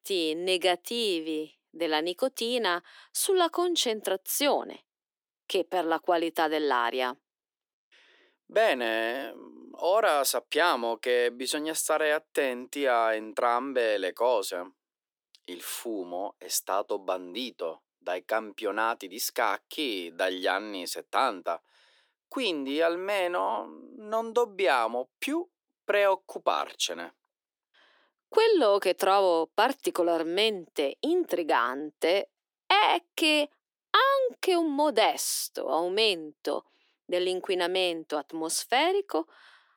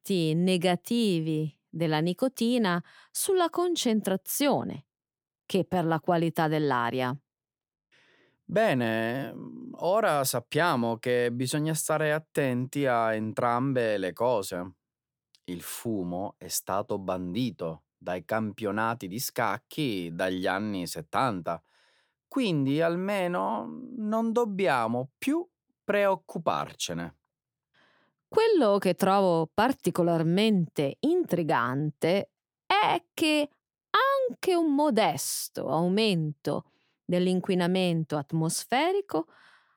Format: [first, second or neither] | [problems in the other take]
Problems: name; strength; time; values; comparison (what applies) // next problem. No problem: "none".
second | thin; somewhat; fading below 300 Hz